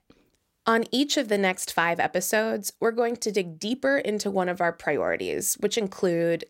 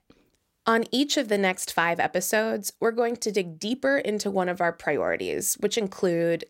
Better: neither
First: none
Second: none

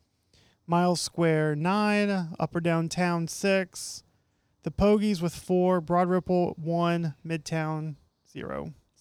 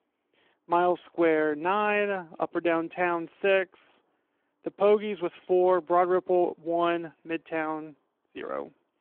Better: first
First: none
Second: phone-call audio

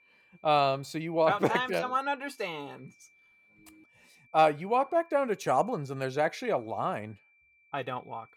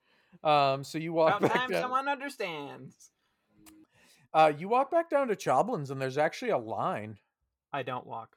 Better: second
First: high-pitched whine; faint; throughout; 2.5 kHz, 30 dB below the speech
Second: none

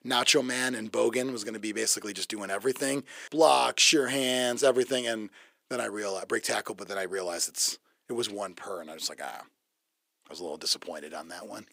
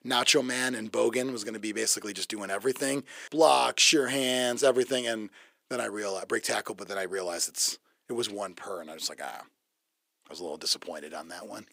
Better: neither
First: thin; somewhat; fading below 350 Hz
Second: thin; somewhat; fading below 350 Hz

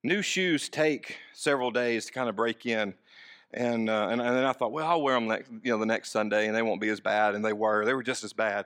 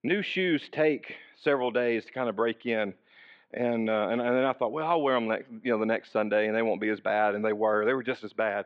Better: first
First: none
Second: muffled; very; fading above 3 kHz

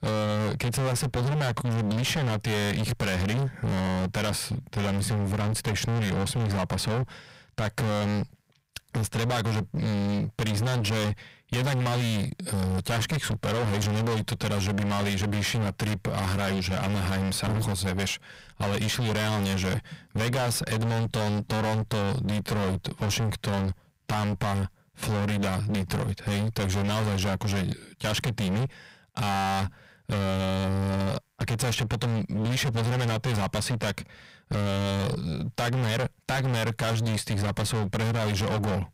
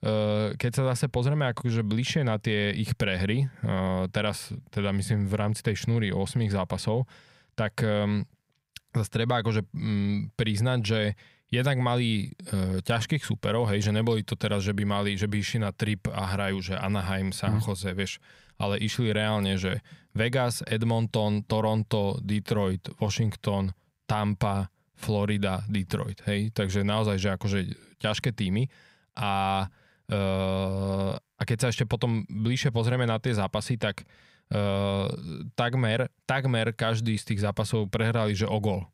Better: second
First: distortion; heavy; 46% of the sound clipped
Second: none

